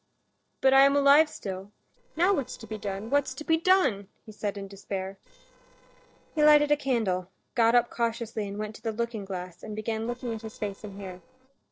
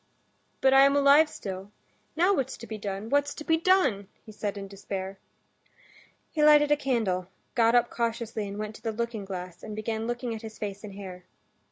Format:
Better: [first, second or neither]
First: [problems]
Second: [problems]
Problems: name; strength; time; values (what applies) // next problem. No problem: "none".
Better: second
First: noise reduction (neural separator model SepFormer DNS4)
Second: none